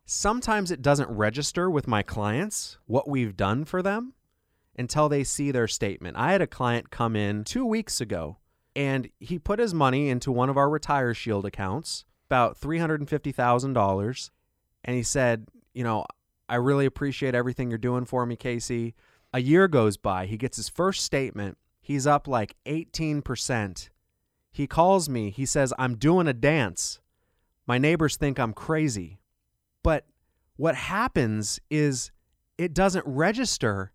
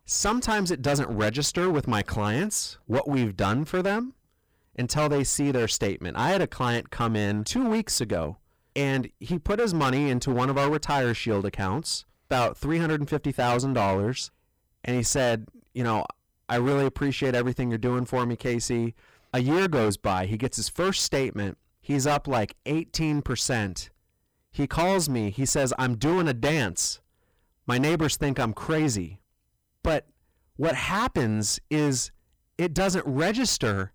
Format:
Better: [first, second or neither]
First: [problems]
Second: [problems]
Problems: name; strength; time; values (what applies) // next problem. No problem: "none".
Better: first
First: none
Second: distortion; heavy; 14% of the sound clipped